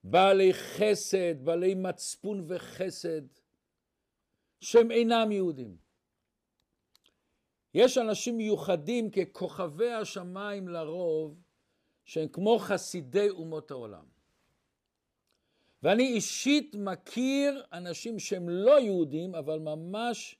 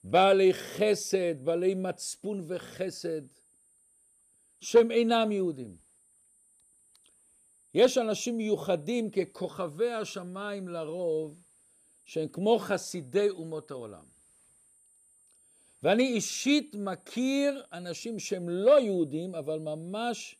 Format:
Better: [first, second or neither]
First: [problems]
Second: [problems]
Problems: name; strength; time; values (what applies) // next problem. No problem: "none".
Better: first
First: none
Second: high-pitched whine; faint; throughout; 9 kHz, 30 dB below the speech